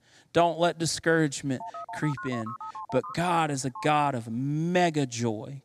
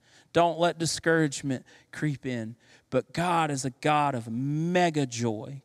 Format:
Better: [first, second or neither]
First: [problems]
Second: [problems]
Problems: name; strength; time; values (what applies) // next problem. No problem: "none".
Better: second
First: phone ringing; faint; from 1.5 to 4 s; peak 10 dB below the speech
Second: none